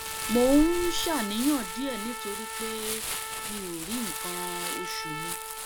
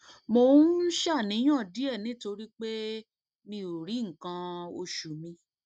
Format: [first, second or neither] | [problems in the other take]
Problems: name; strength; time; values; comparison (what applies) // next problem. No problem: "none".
second | background sound (Crumpling, crinkling + Trumpet); 4 dB below the speech